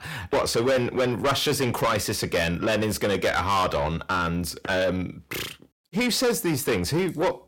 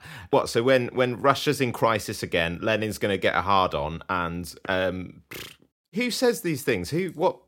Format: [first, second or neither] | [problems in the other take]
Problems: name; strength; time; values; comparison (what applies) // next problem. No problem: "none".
second | distortion; heavy; 6 dB below the speech